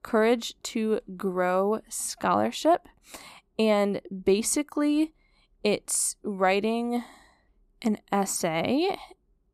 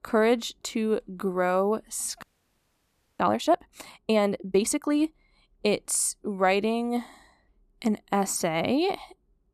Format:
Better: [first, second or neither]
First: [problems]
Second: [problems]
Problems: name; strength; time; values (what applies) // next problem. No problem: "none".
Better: first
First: none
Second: audio freezing; at 2 s for 1 s